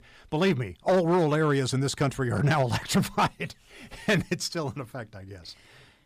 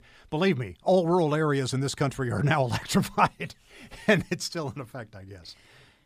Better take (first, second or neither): second